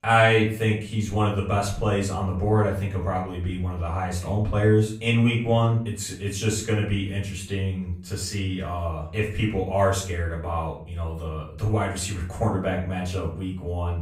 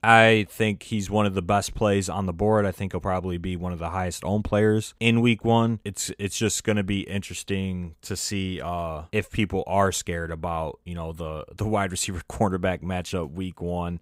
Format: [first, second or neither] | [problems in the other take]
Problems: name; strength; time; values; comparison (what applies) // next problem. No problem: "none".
second | room echo; slight; dies away in 0.5 s // off-mic speech; far